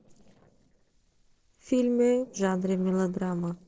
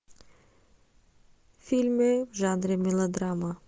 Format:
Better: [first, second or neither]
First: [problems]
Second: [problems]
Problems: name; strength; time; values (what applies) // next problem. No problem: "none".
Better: second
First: noise reduction (neural separator model SepFormer DNS4)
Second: none